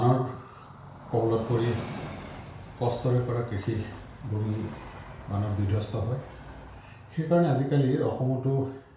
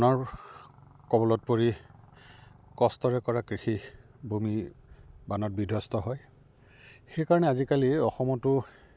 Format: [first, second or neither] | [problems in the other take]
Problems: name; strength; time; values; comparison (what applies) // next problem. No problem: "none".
second | background sound (Train); 15 dB below the speech // room echo; dies away in 0.5 s